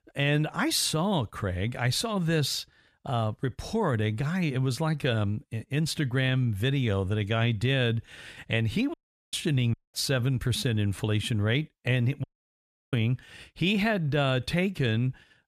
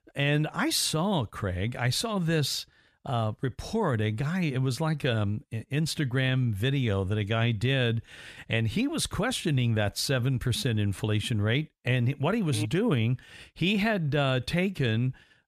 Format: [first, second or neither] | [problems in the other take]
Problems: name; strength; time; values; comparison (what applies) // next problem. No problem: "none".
second | audio cutting out; at 9 s, at 9.5 s and at 12 s for 0.5 s